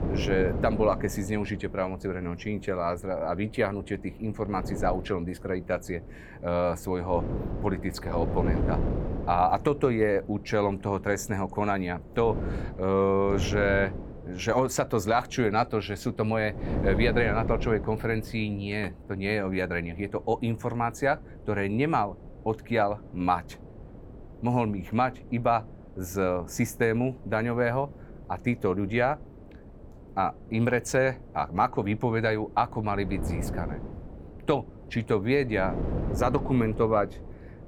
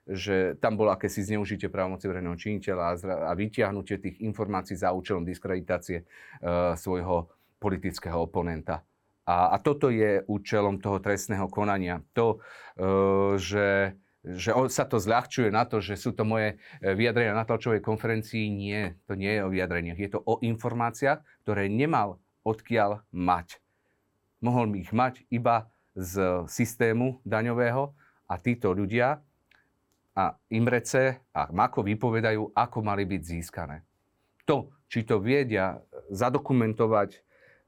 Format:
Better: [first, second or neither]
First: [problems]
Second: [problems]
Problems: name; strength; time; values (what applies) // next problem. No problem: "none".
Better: second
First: wind noise on the microphone; occasional gusts; 15 dB below the speech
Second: none